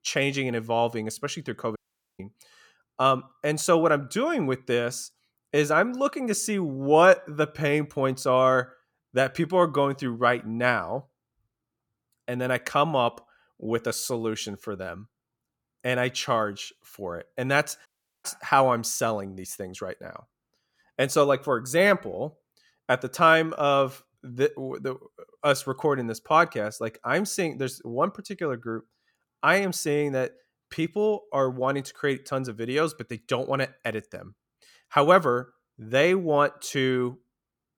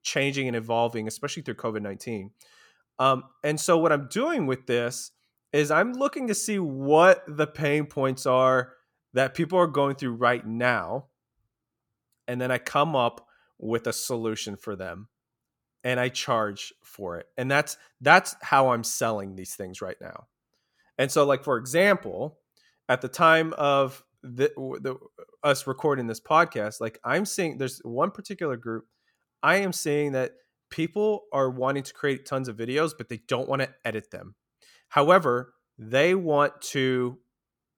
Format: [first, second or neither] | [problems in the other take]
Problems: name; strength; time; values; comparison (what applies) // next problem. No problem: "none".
second | audio cutting out; at 2 s and at 18 s